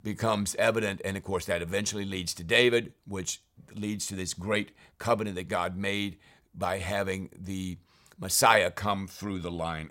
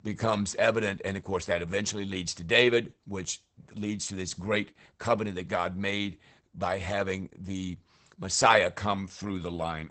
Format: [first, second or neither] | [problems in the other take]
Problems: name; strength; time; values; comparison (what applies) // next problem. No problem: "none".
first | garbled, watery; badly; nothing above 8 kHz